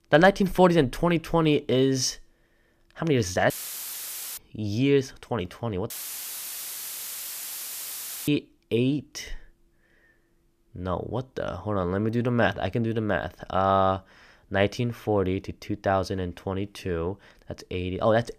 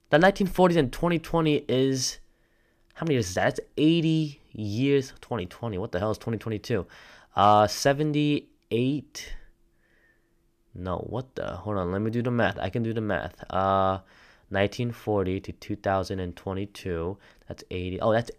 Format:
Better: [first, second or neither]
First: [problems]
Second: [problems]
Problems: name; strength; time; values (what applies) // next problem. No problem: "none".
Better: second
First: audio cutting out; filled with static; at 3.5 s for 1 s and at 6 s for 2.5 s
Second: none